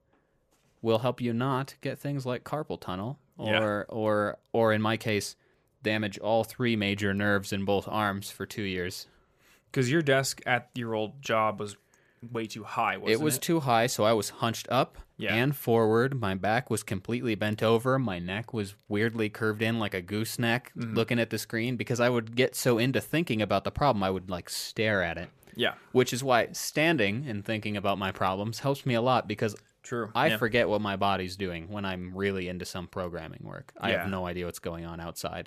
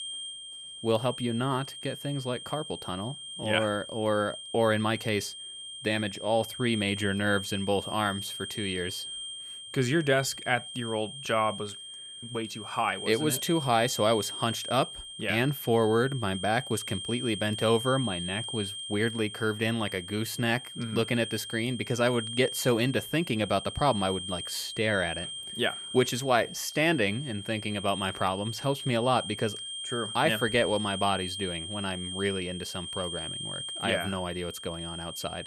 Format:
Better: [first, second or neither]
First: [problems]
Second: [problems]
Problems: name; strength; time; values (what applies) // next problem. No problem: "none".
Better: first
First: none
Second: high-pitched whine; loud; throughout; 3 kHz, 8 dB below the speech